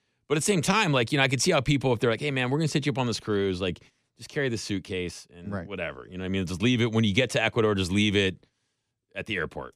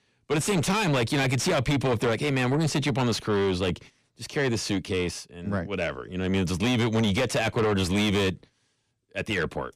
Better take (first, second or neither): first